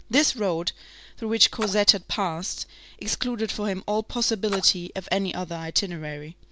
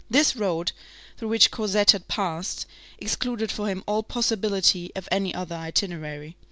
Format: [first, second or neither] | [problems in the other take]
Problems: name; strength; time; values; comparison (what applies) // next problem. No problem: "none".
second | background sound (Splash, splatter); 16 dB below the speech